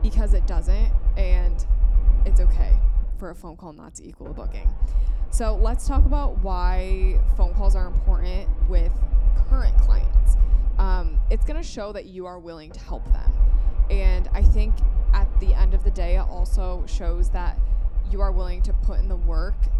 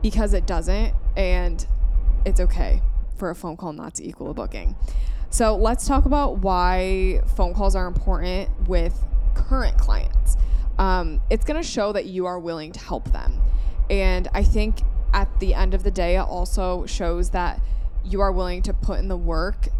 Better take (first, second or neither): second